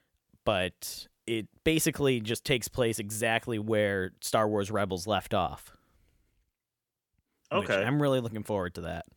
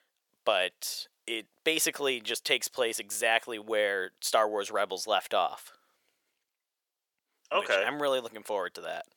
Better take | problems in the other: first | thin; very; fading below 600 Hz

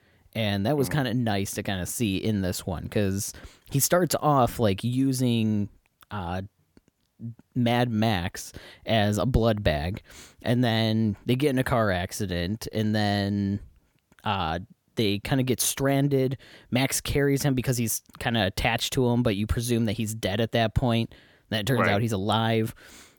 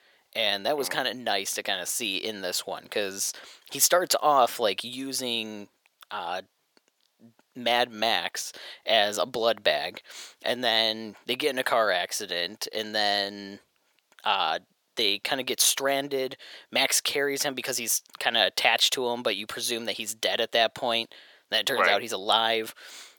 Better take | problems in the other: first | thin; very; fading below 600 Hz

